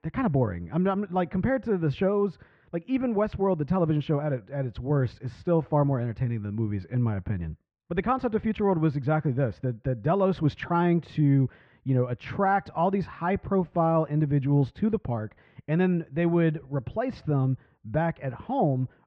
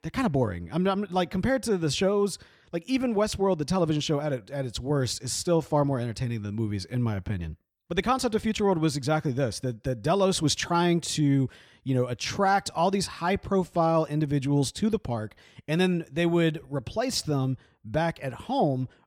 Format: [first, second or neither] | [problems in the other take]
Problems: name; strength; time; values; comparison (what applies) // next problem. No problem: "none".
second | muffled; very; fading above 2 kHz